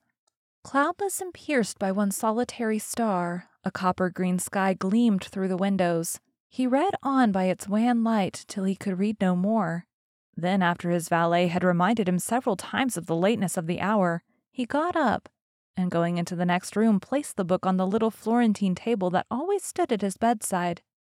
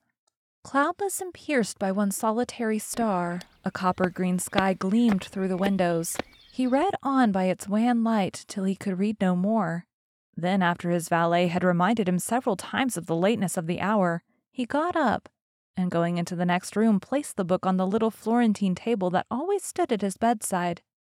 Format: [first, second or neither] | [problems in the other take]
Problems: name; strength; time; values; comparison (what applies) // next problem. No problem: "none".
first | footsteps; noticeable; from 3 to 6 s; peak 6 dB below the speech